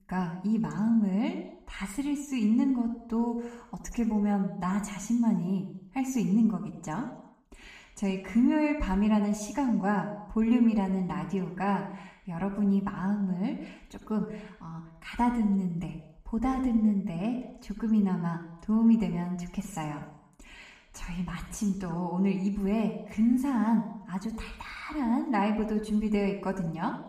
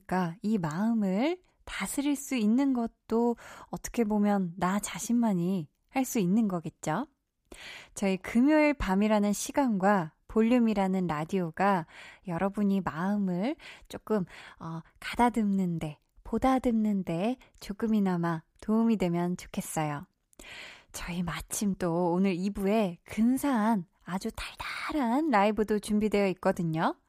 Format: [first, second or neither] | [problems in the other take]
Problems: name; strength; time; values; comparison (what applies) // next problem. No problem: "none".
second | room echo; slight; dies away in 0.8 s // off-mic speech; far